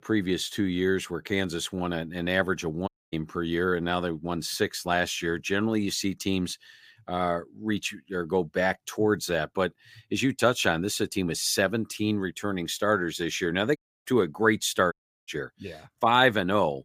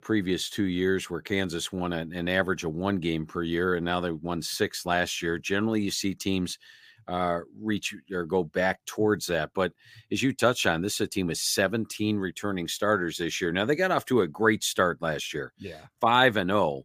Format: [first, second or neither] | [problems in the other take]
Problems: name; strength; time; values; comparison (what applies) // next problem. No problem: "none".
second | audio cutting out; at 3 s, at 14 s and at 15 s